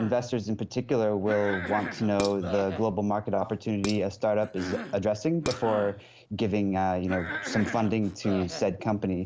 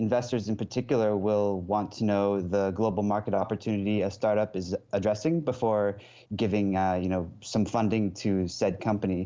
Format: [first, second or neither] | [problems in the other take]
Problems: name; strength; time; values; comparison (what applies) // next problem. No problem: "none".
second | background sound (Dishes, pots, and pans + Cough); 11 dB below the speech